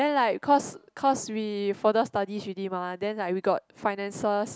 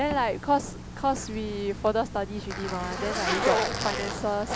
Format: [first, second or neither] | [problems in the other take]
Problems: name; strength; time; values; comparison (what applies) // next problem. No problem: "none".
first | background sound (Zipper (clothing)); 3 dB below the speech